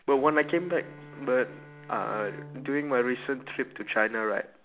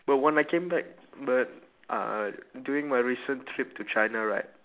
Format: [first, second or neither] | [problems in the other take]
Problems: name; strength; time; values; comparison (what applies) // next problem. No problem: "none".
second | background sound (Bowed string instrument); 18 dB below the speech